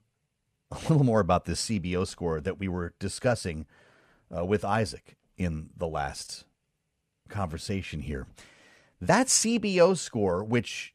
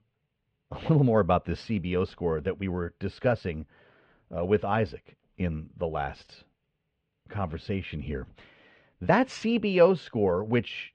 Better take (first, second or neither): first